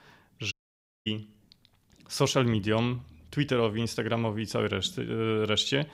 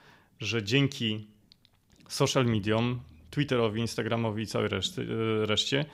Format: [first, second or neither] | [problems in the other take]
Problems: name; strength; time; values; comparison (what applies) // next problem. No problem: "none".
second | audio cutting out; at 0.5 s for 0.5 s